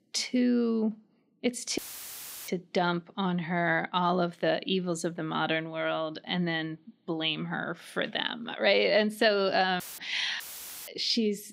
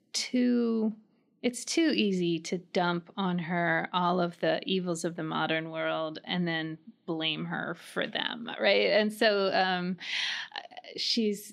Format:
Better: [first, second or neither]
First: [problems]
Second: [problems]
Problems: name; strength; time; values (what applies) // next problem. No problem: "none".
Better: second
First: audio cutting out; filled with static; at 2 s for 0.5 s and at 10 s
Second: none